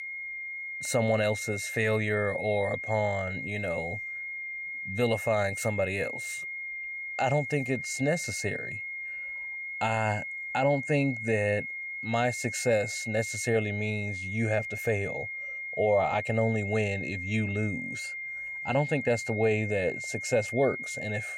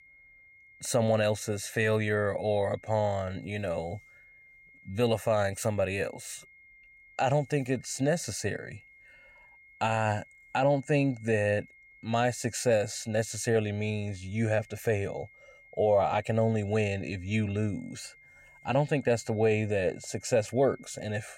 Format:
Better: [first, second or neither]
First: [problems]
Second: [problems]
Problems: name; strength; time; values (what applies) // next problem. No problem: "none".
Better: second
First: high-pitched whine; loud; throughout; 2 kHz, 5 dB below the speech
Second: high-pitched whine; faint; throughout; 2 kHz, 25 dB below the speech